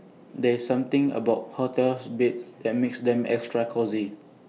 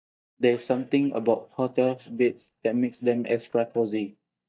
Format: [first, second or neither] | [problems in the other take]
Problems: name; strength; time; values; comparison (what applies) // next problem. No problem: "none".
first | noise reduction (neural mask model DeepFilterNet 3)